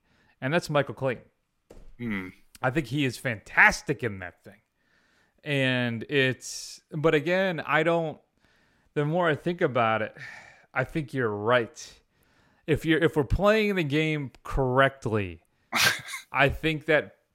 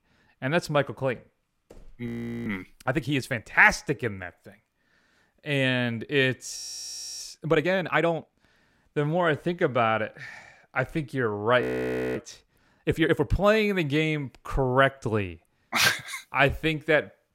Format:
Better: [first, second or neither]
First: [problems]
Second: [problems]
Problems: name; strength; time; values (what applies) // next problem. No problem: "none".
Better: first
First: none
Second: audio freezing; at 2 s, at 6.5 s for 0.5 s and at 12 s for 0.5 s